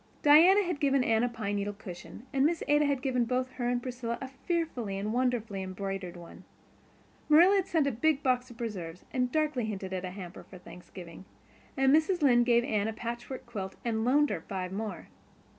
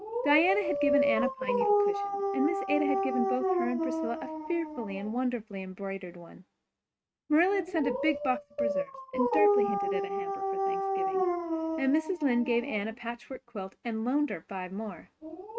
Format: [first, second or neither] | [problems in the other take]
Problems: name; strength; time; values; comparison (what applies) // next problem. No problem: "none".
first | noise reduction (neural mask model RNNoise)